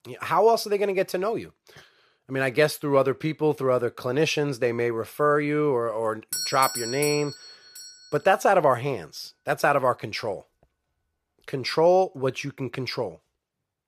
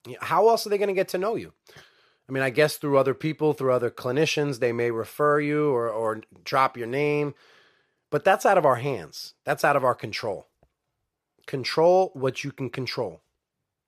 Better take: second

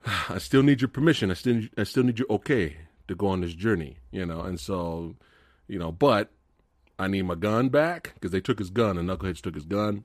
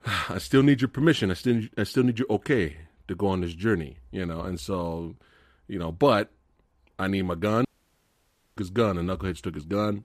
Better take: first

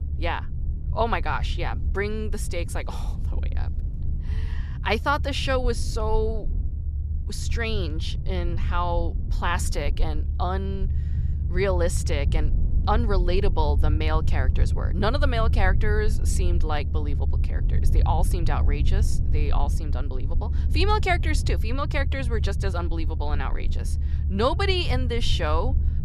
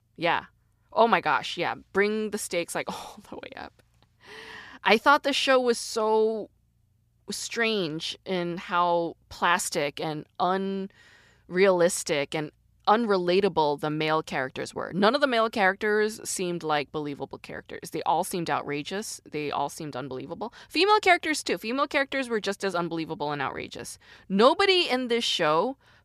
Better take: second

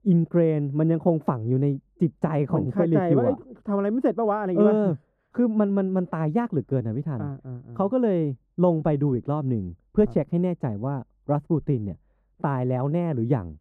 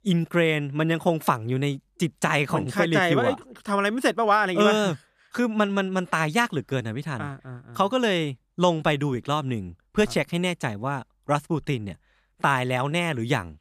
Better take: second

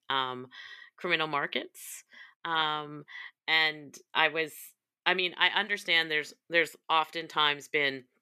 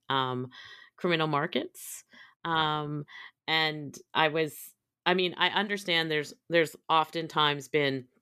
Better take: second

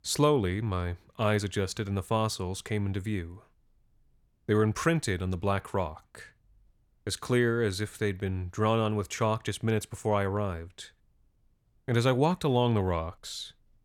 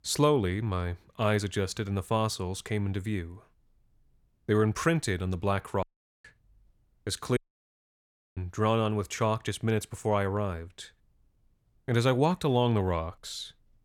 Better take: first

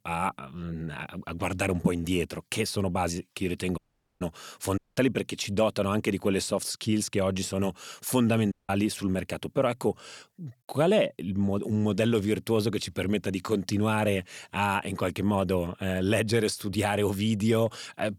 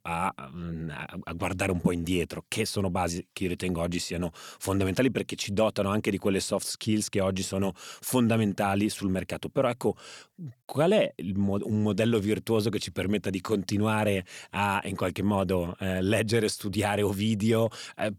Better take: second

